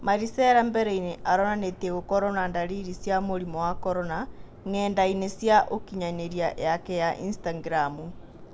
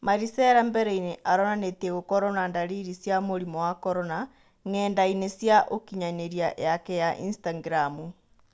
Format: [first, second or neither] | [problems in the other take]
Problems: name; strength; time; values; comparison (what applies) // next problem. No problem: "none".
second | background sound (Subway, metro, underground); 13 dB below the speech